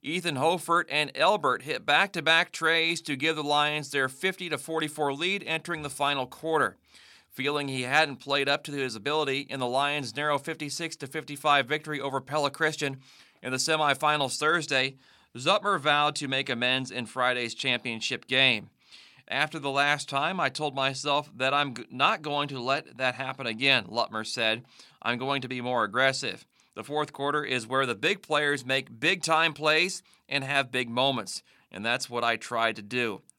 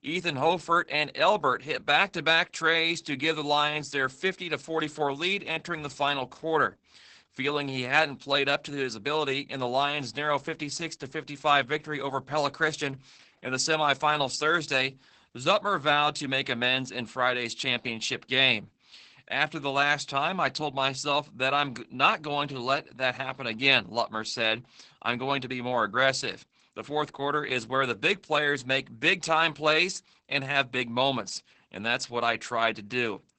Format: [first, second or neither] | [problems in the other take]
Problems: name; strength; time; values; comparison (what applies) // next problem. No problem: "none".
first | garbled, watery; badly; nothing above 8 kHz